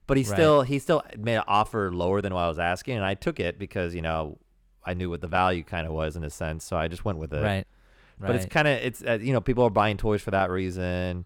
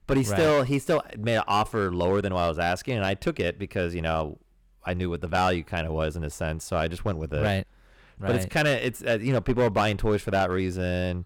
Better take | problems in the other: first | distortion; slight; 5% of the sound clipped

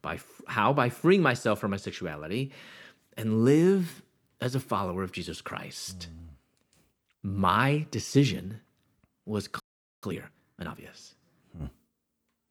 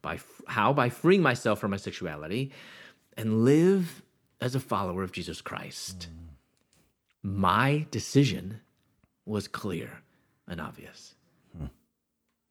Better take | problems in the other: second | audio freezing; at 9.5 s

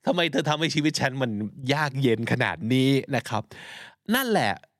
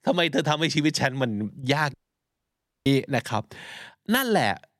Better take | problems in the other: first | audio cutting out; at 2 s for 1 s

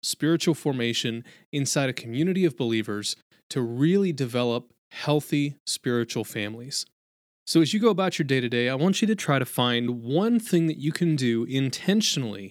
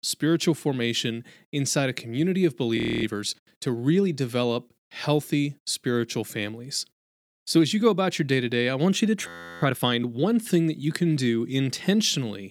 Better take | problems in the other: first | audio freezing; at 3 s and at 9.5 s

